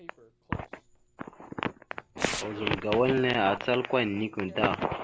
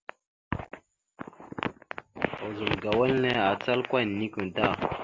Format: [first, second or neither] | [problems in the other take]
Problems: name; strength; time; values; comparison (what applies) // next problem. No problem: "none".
second | background sound (Tearing); 17 dB below the speech